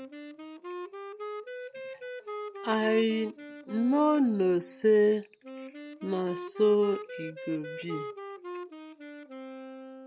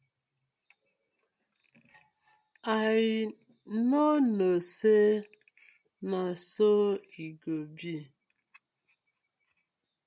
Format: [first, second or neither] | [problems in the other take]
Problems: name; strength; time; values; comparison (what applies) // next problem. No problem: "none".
second | background sound (Wind instrument, woodwind instrument); 11 dB below the speech